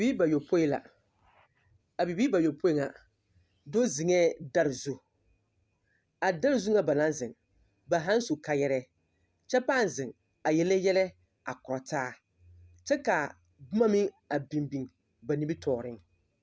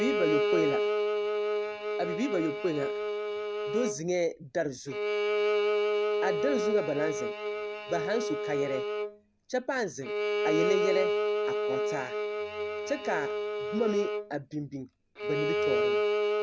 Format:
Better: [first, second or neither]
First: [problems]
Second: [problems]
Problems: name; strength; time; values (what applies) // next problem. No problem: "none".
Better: first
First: none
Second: background sound (Bowed string instrument); 3 dB above the speech